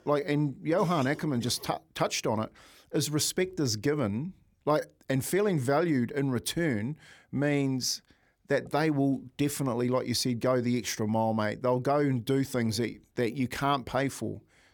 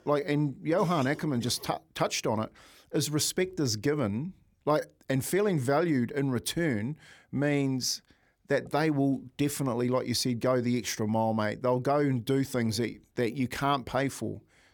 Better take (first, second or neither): neither